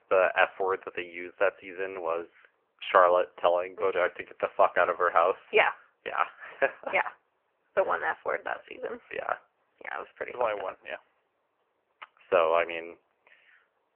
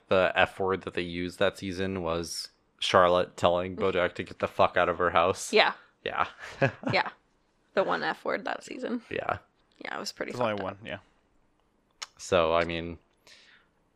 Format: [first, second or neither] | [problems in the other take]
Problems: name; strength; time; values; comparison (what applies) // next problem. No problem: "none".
second | phone-call audio; poor line; nothing above 3 kHz